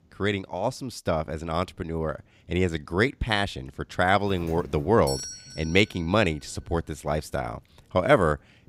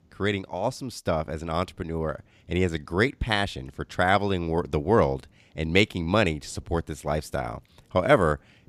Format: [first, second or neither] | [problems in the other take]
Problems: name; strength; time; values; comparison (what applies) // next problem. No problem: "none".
second | doorbell; noticeable; from 4.5 to 6 s; peak 7 dB below the speech